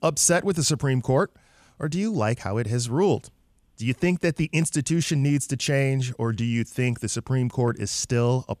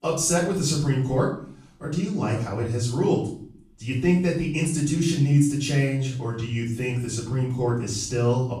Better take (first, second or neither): first